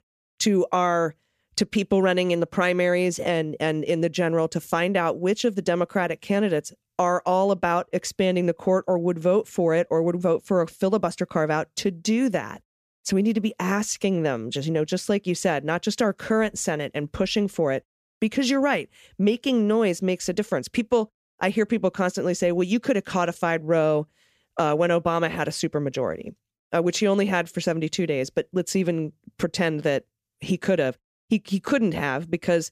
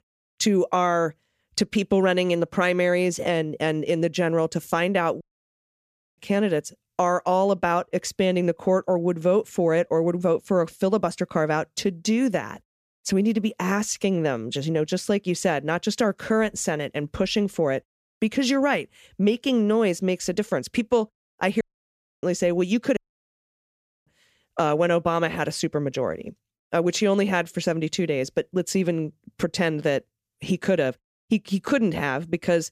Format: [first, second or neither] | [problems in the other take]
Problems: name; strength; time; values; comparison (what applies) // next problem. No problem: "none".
first | audio cutting out; at 5 s for 1 s, at 22 s for 0.5 s and at 23 s for 1 s